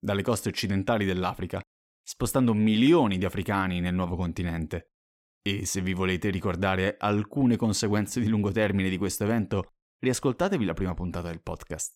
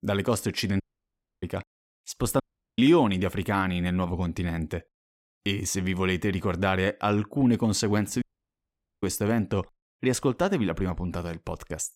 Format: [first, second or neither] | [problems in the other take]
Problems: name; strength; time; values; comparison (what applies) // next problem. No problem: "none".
first | audio cutting out; at 1 s for 0.5 s, at 2.5 s and at 8 s for 1 s